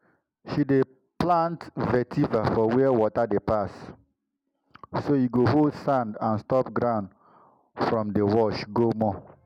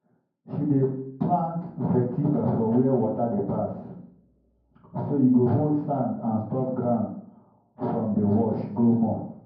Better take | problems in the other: first | room echo; dies away in 0.9 s

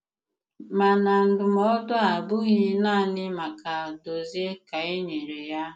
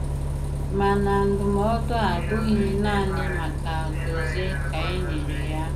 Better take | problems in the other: first | background sound (Bus); as loud as the speech

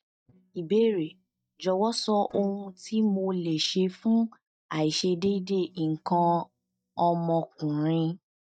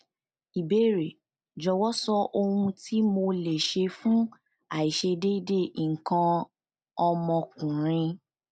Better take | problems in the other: second | noise reduction (neural mask model DeepFilterNet 3)

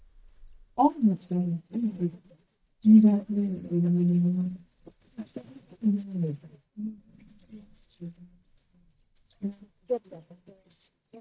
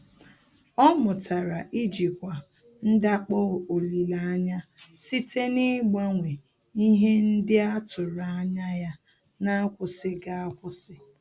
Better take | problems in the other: second | noise reduction (neural mask model DeepFilterNet 3)

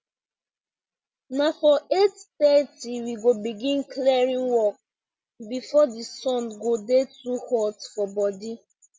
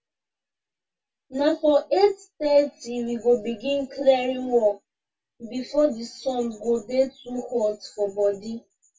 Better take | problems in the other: first | room echo; dies away in 0.1 s

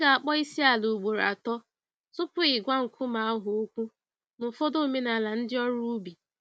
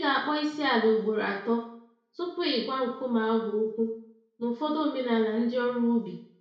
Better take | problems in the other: first | room echo; dies away in 0.6 s

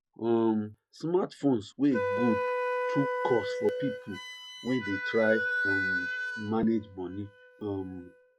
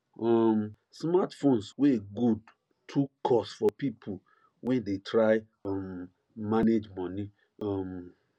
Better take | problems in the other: second | noise reduction (classical method log-MMSE)

